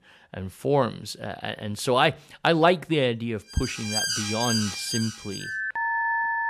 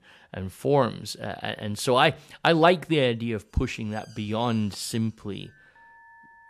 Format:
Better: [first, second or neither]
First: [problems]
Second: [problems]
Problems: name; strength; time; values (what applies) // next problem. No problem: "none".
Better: second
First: alarms or sirens; loud; from 4 s on; 2 dB below the speech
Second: alarms or sirens; faint; from 4 s on; 30 dB below the speech